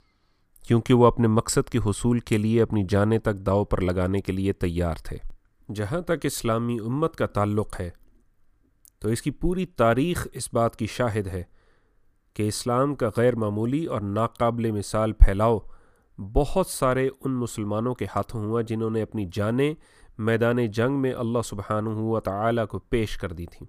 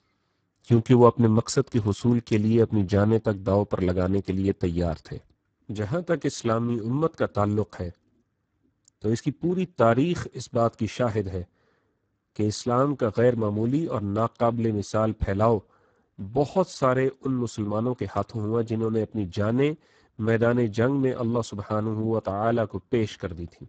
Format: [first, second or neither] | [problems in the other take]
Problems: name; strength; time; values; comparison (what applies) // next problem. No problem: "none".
first | garbled, watery; badly; nothing above 8 kHz